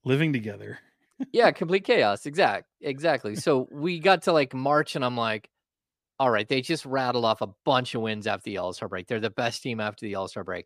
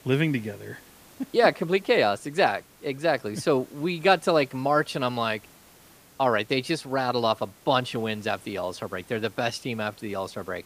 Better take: first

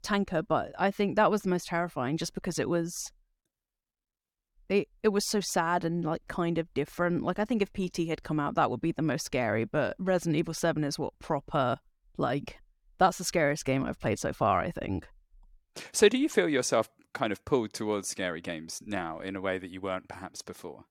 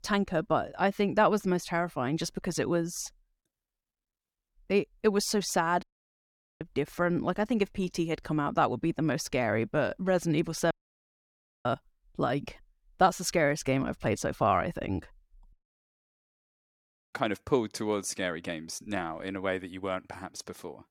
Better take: first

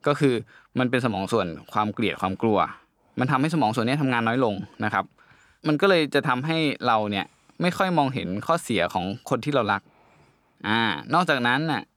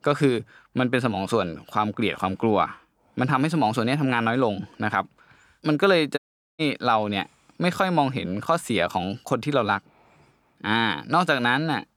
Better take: first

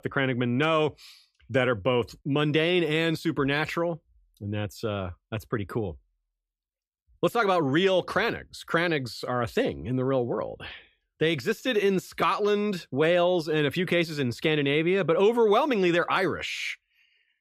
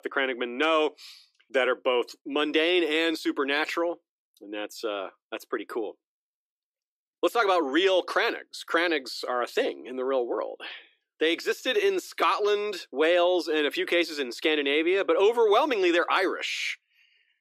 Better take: first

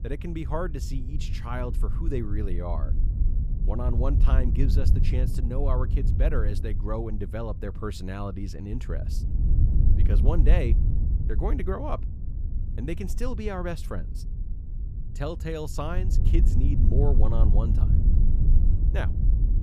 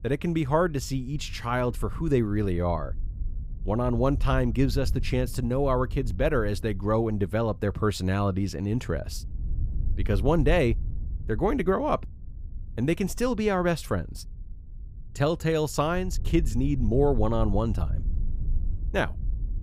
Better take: second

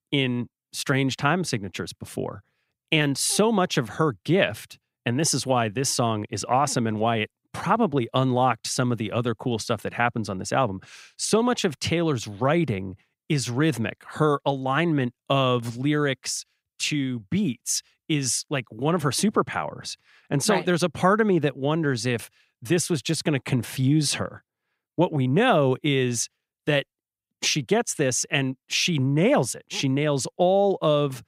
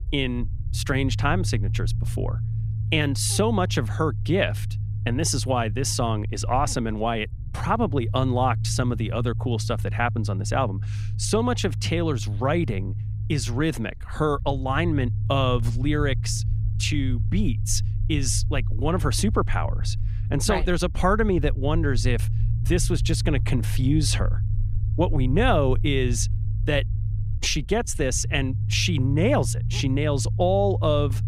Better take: first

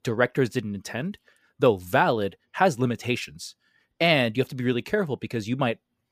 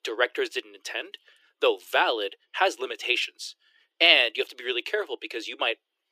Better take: first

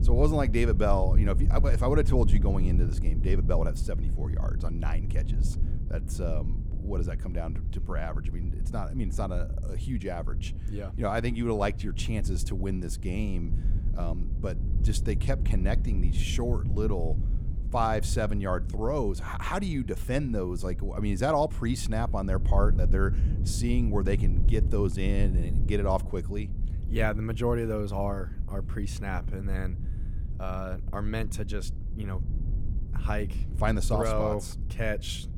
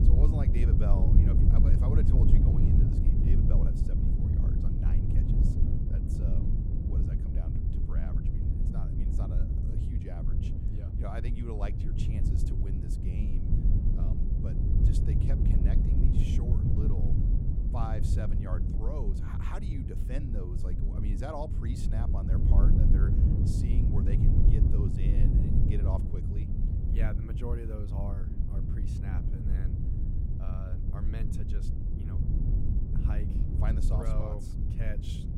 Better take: first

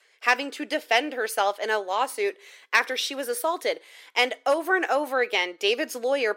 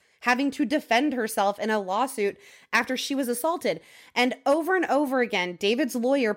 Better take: second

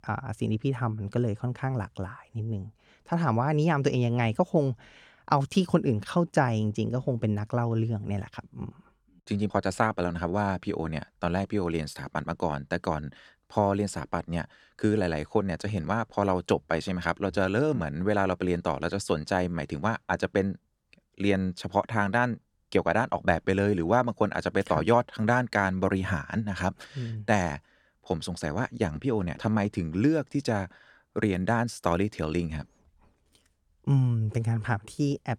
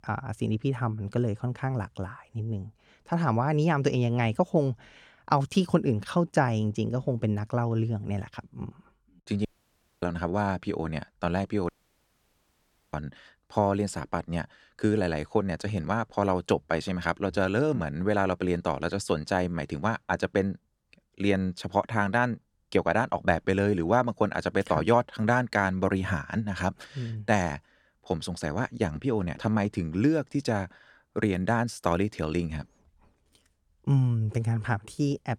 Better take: first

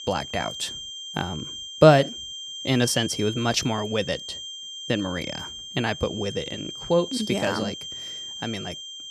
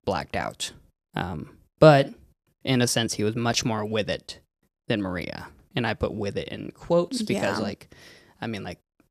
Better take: second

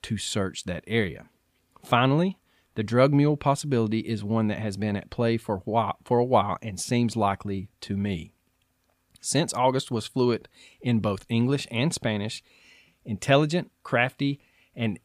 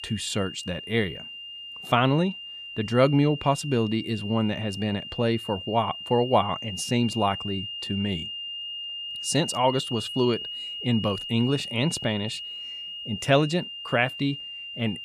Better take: first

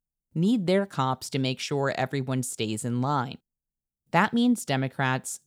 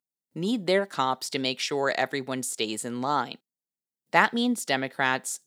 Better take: first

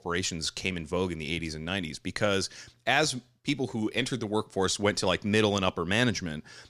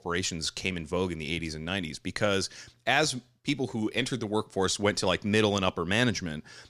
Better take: neither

